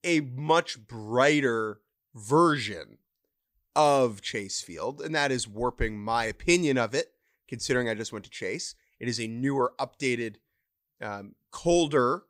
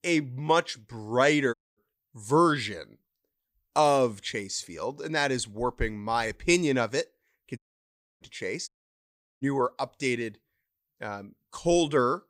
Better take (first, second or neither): first